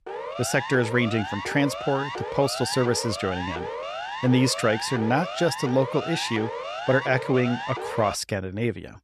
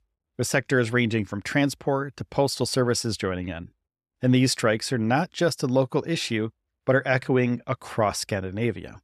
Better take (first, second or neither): second